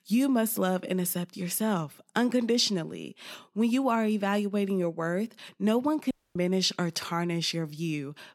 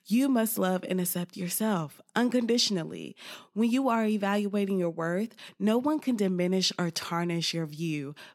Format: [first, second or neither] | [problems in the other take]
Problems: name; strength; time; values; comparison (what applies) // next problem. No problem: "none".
second | audio cutting out; at 6 s